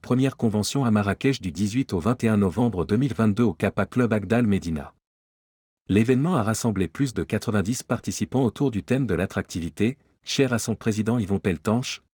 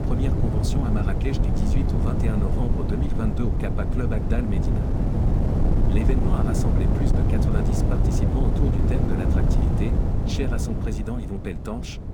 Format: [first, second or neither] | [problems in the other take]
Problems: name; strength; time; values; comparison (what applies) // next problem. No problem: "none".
first | wind noise on the microphone; heavy; 2 dB above the speech